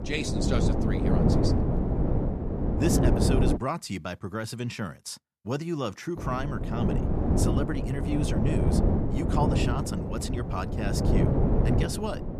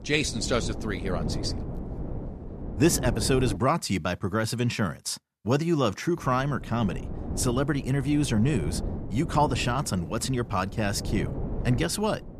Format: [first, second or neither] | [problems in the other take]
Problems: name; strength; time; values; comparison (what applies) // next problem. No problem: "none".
second | wind noise on the microphone; heavy; until 3.5 s and from 6 s on; 1 dB above the speech; occasional gusts in the second